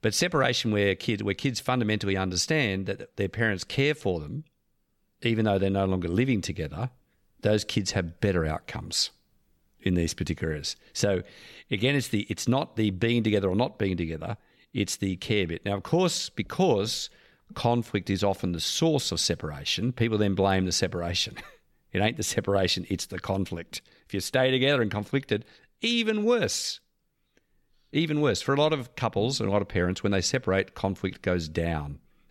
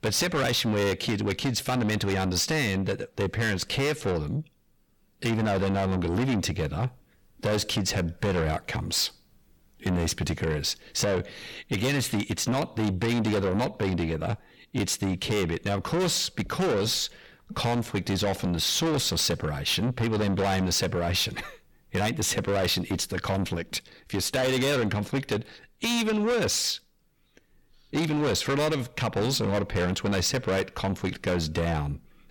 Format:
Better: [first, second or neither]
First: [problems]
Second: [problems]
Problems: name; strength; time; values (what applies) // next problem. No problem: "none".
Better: first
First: none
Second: distortion; heavy; 6 dB below the speech